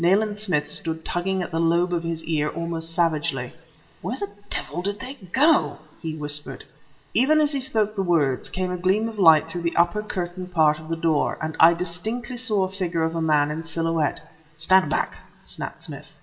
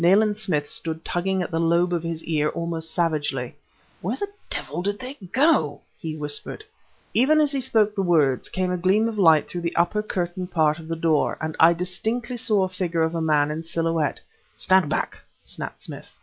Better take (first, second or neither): second